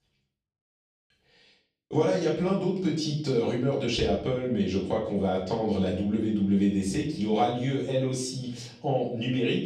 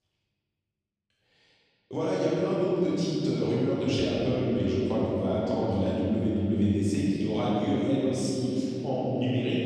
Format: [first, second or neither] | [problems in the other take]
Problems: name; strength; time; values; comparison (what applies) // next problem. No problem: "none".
first | room echo; strong; dies away in 3 s; slight in the first // off-mic speech; far; far in the first